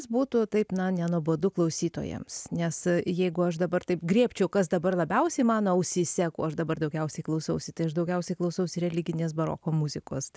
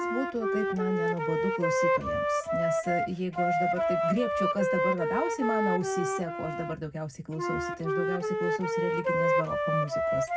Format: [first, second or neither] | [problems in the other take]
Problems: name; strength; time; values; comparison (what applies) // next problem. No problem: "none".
first | background sound (Wind instrument, woodwind instrument); 4 dB above the speech // room echo; dies away in 0.4 s